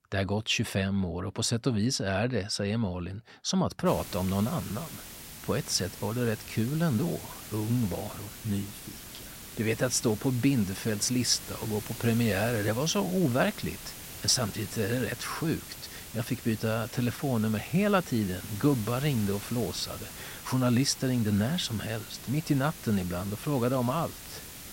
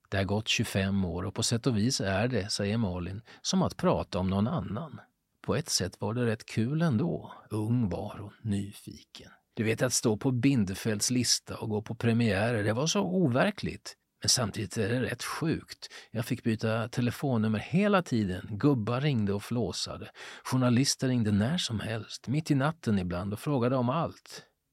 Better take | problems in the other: second | hiss; noticeable; from 4 s on; 10 dB below the speech

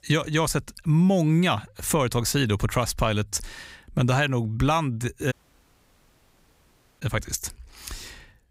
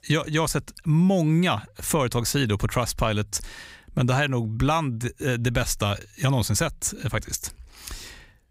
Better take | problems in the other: second | audio cutting out; at 5.5 s for 1.5 s

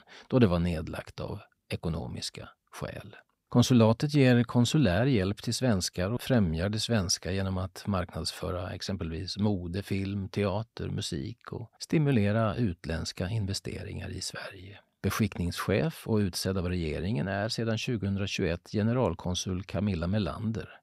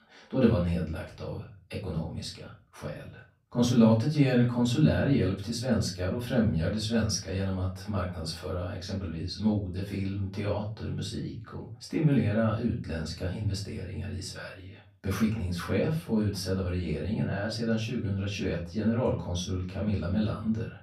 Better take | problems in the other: first | off-mic speech; far // room echo; slight; dies away in 0.3 s

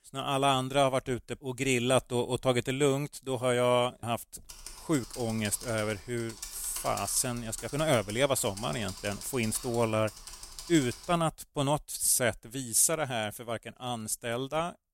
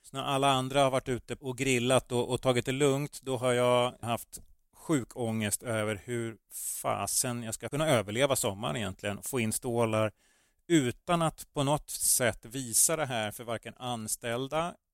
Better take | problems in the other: second | keyboard typing; noticeable; from 4.5 to 11 s; peak 9 dB below the speech

